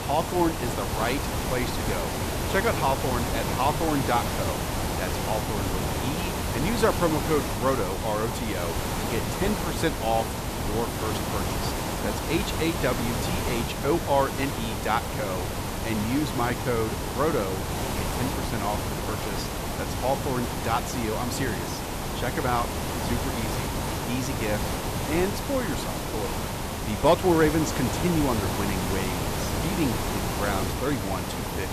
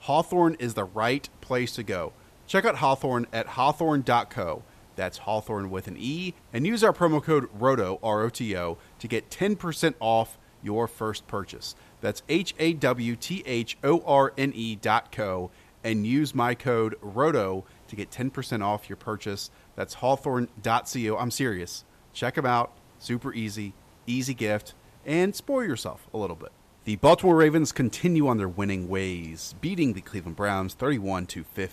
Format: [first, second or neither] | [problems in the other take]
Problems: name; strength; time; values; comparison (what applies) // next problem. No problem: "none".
second | hiss; loud; throughout; as loud as the speech; faint in the second